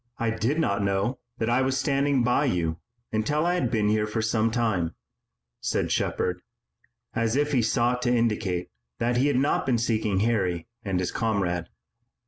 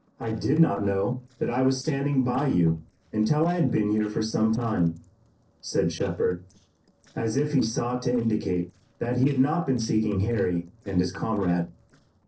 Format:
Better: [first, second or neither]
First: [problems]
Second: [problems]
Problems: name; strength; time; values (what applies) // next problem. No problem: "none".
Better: first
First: none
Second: noise reduction (neural separator model SepFormer DNS4)